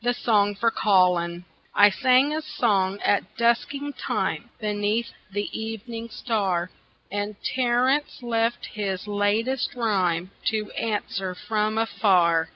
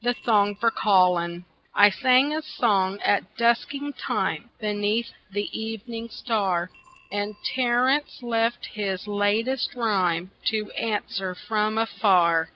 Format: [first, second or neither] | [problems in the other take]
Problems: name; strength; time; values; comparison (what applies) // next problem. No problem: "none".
first | noise reduction (neural separator model SepFormer DNS4)